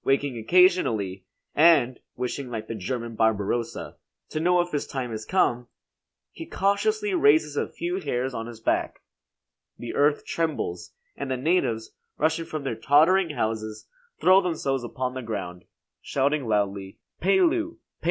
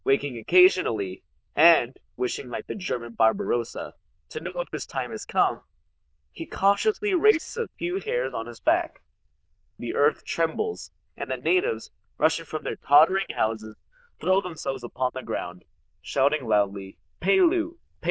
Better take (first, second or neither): first